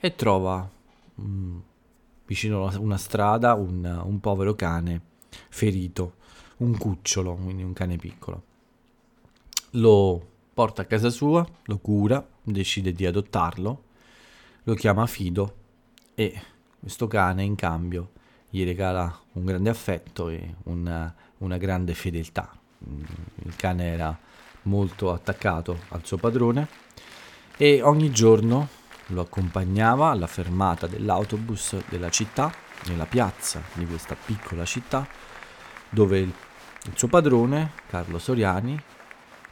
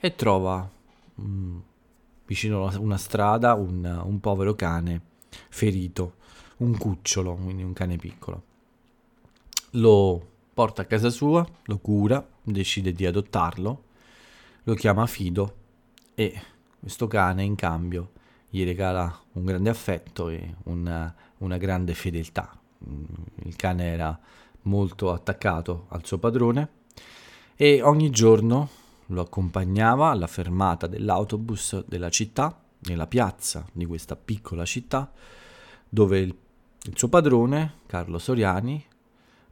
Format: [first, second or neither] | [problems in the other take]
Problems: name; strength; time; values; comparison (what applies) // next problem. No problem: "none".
second | crowd noise; faint; throughout; 20 dB below the speech